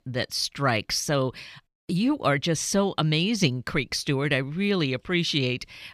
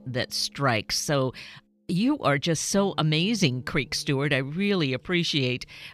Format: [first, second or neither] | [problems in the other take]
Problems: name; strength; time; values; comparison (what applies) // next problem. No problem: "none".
first | background music; faint; throughout; 25 dB below the speech